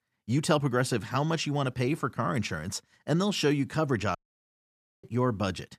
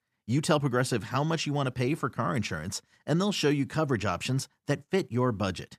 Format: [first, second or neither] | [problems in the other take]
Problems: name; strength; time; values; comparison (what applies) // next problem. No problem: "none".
second | audio cutting out; at 4 s for 1 s